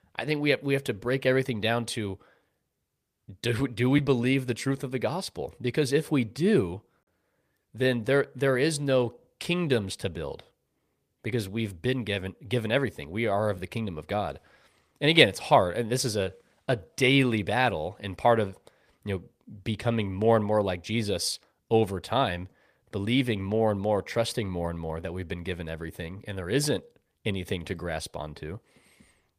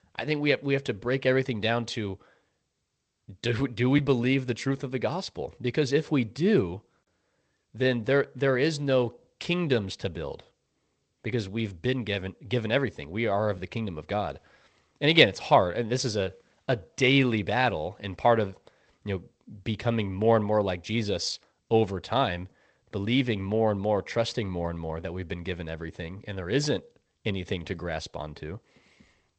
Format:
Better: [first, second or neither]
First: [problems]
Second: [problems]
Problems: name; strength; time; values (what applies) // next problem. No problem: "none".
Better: first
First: none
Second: garbled, watery; slightly; nothing above 8 kHz